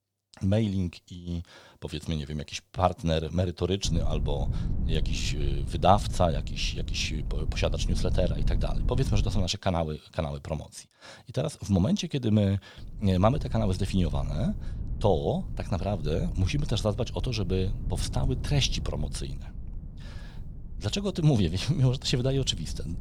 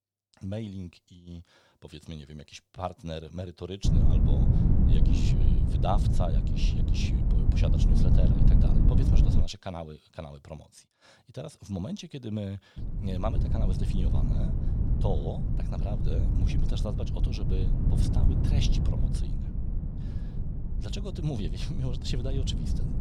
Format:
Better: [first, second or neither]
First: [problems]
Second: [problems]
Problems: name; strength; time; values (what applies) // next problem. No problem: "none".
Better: first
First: wind noise on the microphone; occasional gusts; from 4 to 9.5 s and from 13 s on; 15 dB below the speech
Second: wind noise on the microphone; heavy; from 4 to 9.5 s and from 13 s on; as loud as the speech